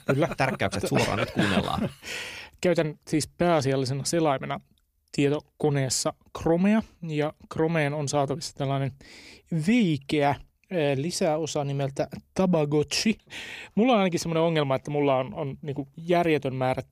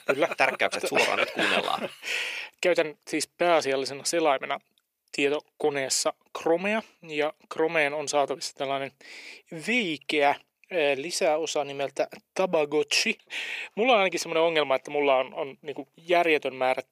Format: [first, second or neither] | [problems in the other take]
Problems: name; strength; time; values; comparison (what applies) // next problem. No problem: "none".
first | thin; somewhat; fading below 450 Hz